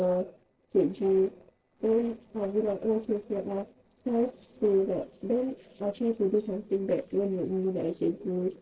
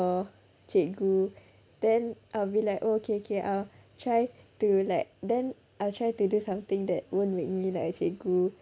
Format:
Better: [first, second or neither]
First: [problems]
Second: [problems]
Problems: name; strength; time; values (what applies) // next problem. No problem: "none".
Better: second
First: noise reduction (neural separator model SepFormer DNS4)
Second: none